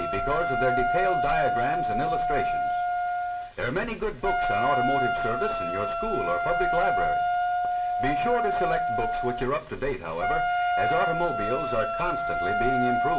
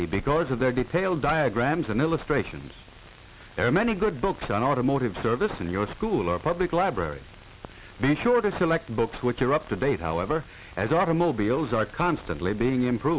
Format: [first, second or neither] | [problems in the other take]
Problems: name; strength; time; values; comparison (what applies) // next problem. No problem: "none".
second | background sound (Wind instrument, woodwind instrument); 3 dB above the speech // room echo; dies away in 0.2 s